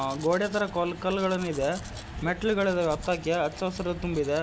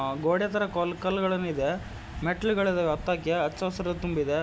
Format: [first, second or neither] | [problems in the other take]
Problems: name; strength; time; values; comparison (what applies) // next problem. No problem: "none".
second | background sound (Domestic sounds, home sounds); 20 dB below the speech